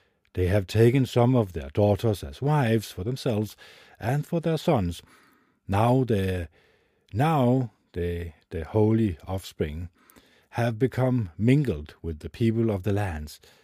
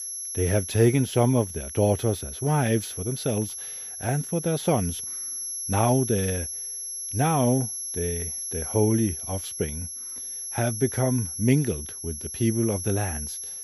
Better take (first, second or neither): first